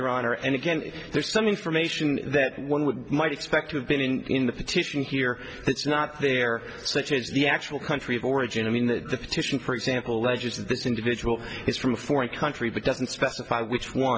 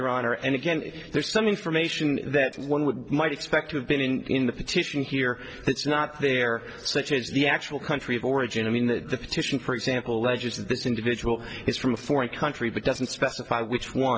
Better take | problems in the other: first | noise reduction (neural separator model SepFormer DNS4)

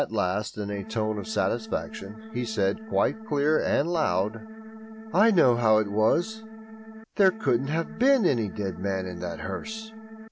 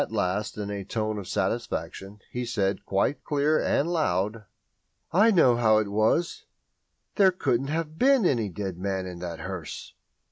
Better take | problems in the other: second | background sound (Organ); 14 dB below the speech

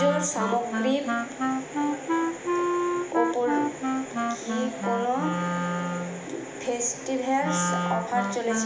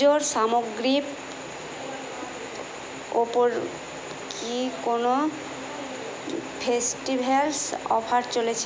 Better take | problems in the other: second | background sound (Wind instrument, woodwind instrument); 1 dB above the speech // room echo; dies away in 1 s

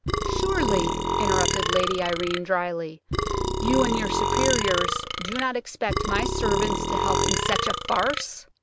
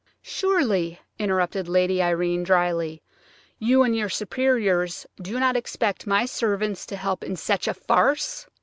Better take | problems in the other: second | background sound (Burping, eructation); 2 dB above the speech

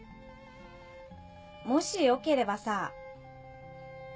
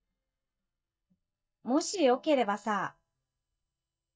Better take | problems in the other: first | noise reduction (neural mask model DeepFilterNet 3)

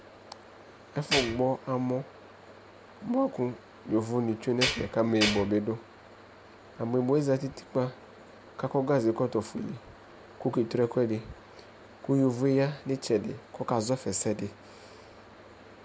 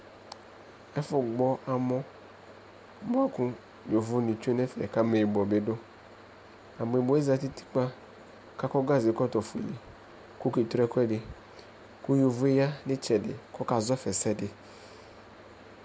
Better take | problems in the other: second | background sound (Tools); as loud as the speech

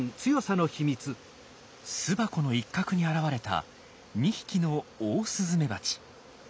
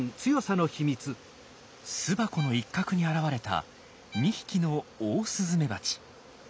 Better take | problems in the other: first | background sound (Bowed string instrument); 19 dB below the speech

